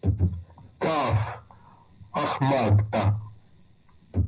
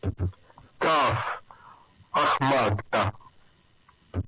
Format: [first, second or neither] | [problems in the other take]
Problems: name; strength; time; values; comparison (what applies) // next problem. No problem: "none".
second | room echo; dies away in 0.5 s